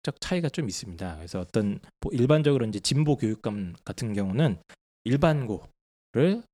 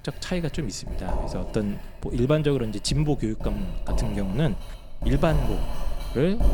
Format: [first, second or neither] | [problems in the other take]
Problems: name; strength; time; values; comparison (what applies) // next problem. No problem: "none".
first | household noises; loud; throughout; 7 dB below the speech